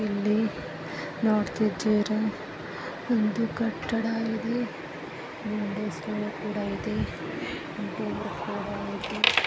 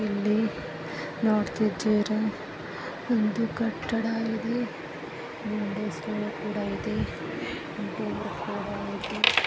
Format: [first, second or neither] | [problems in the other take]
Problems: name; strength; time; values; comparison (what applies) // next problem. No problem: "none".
first | background sound (Wind instrument, woodwind instrument); 20 dB below the speech